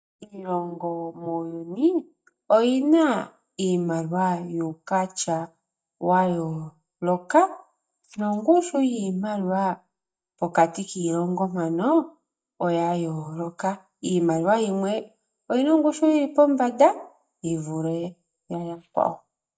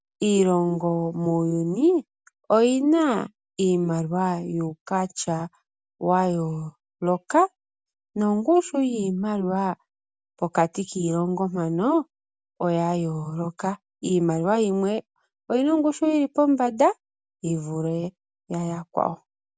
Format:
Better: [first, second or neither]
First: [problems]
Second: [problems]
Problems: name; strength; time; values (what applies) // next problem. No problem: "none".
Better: second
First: noise reduction (neural mask model DeepFilterNet 3)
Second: none